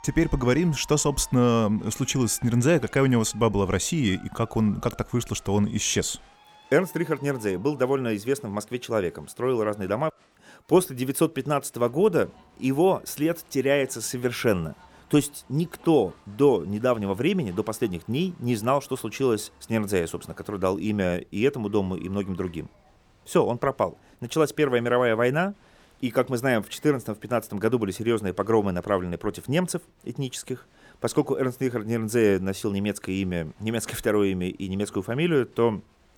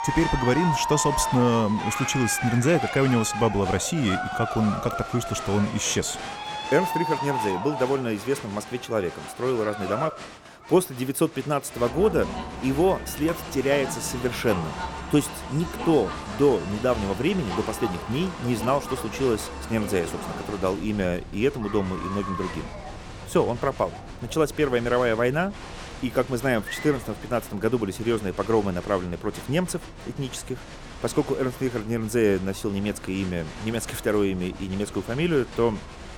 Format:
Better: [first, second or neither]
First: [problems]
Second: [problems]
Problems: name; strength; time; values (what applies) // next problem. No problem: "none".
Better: first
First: crowd noise; faint; throughout; 30 dB below the speech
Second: crowd noise; loud; throughout; 8 dB below the speech